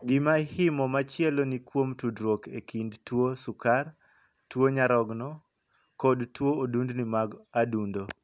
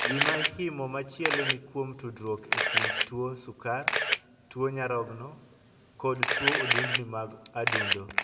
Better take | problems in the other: first | background sound (Camera); 3 dB above the speech // room echo; dies away in 1.5 s

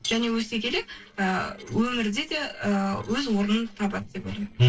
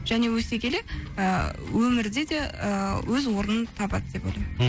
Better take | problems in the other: second | noise reduction (neural separator model SepFormer DNS4)

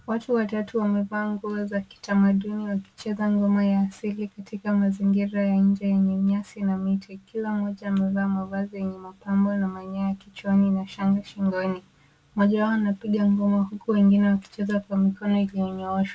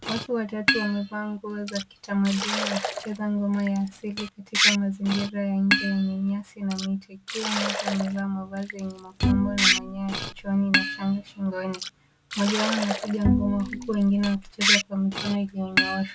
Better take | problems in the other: first | background sound (Bowed string instrument + Liquid); 1 dB below the speech

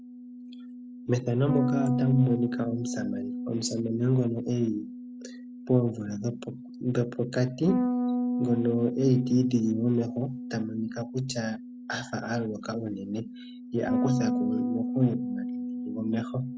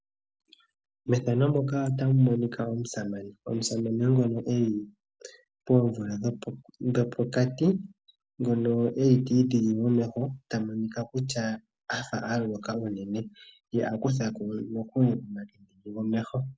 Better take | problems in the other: second | background sound (Bass guitar); 4 dB below the speech

